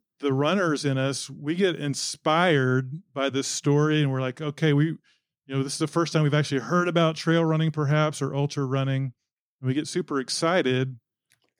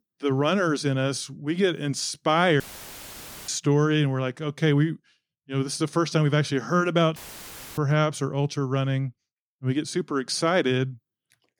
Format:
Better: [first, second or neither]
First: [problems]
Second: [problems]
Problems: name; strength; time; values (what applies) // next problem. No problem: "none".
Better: first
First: none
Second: audio cutting out; filled with static; at 2.5 s for 1 s and at 7 s for 0.5 s